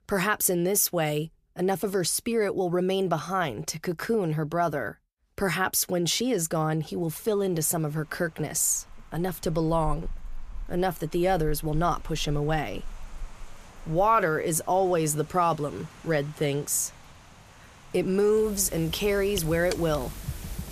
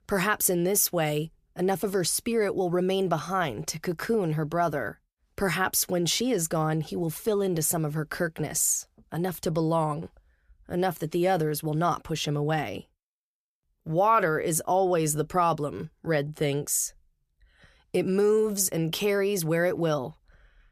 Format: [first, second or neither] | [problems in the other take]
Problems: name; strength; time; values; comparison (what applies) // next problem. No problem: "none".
second | rain or running water; noticeable; from 7 s on; 15 dB below the speech